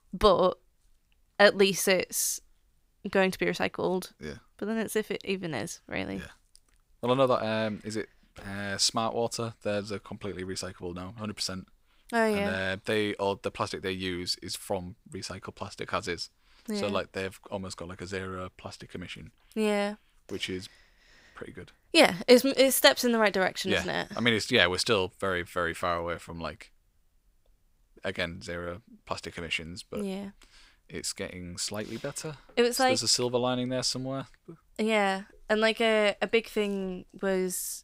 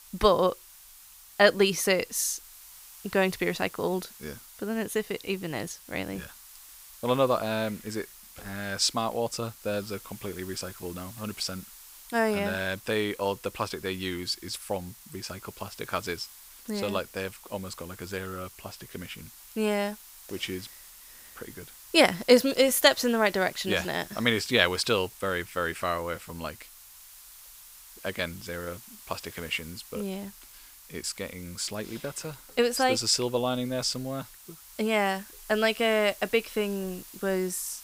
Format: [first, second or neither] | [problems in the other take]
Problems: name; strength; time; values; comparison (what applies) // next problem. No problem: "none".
first | hiss; noticeable; throughout; 20 dB below the speech